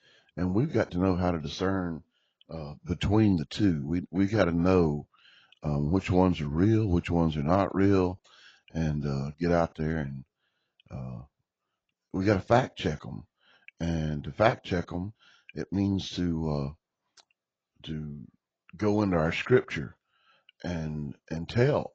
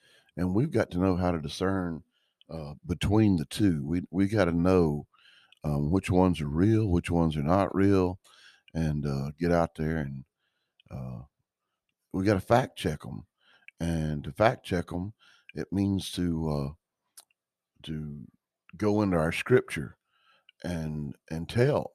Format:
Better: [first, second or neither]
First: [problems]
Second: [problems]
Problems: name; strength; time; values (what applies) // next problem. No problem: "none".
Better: second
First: garbled, watery; badly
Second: none